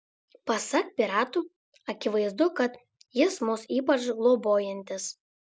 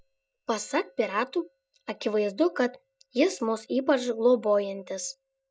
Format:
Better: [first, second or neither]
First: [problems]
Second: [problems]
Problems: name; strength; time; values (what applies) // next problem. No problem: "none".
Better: first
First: none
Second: noise reduction (neural mask model DeepFilterNet 3)